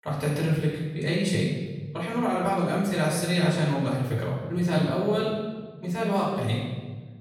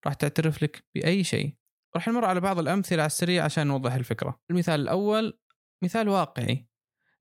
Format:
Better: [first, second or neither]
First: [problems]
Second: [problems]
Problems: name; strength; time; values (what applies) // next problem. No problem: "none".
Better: second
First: off-mic speech; far // room echo; noticeable; dies away in 1.2 s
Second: none